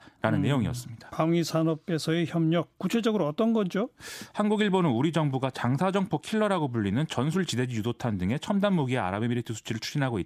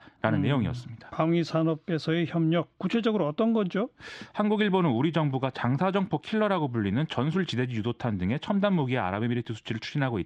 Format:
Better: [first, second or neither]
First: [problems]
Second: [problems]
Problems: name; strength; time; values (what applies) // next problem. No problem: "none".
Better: first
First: none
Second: muffled; very slightly; fading above 3 kHz